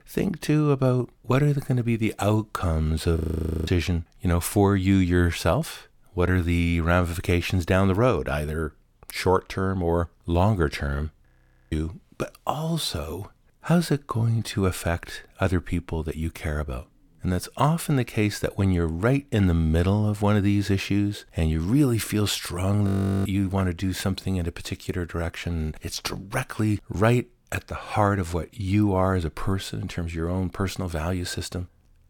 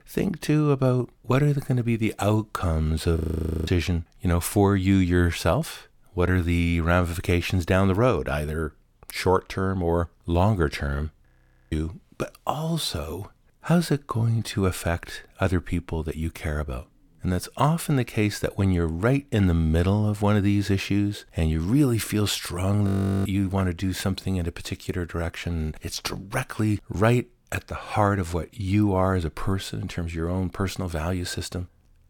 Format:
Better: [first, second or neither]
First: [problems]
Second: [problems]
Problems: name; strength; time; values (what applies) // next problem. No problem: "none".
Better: neither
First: audio freezing; at 3 s, at 11 s and at 23 s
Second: audio freezing; at 3 s, at 11 s and at 23 s